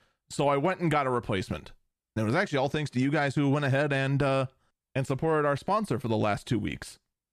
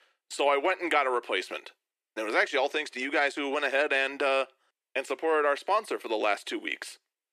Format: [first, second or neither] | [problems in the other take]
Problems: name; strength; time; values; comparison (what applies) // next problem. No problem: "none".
first | thin; very; fading below 350 Hz